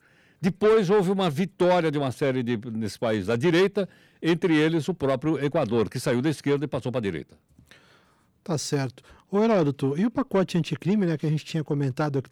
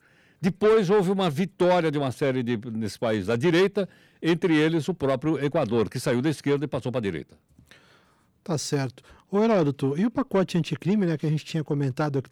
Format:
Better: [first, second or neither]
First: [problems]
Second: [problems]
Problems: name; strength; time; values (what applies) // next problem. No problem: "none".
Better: neither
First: distortion; slight; 10 dB below the speech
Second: distortion; slight; 10 dB below the speech